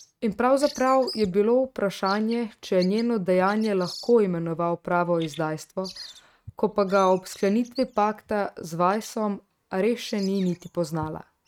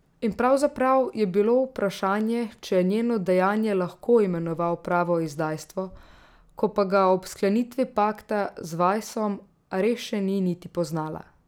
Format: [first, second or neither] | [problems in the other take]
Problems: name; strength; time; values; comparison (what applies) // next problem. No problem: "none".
second | noise reduction (neural mask model RNNoise)